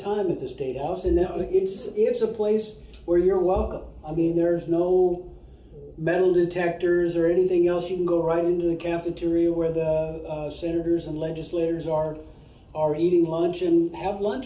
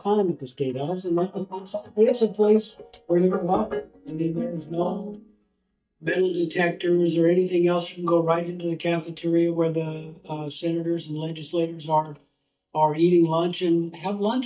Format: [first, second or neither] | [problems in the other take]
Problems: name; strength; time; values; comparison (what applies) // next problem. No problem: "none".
first | noise reduction (neural mask model DeepFilterNet 3)